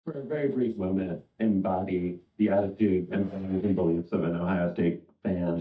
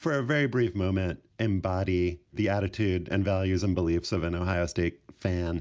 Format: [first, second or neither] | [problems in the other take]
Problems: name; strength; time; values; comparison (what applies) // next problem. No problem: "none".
second | noise reduction (neural mask model DeepFilterNet 3)